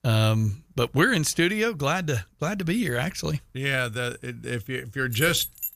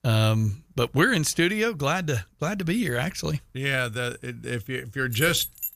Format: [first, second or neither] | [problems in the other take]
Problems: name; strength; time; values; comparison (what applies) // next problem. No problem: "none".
neither | jangling keys; noticeable; at 5 s; peak 5 dB below the speech; the same in both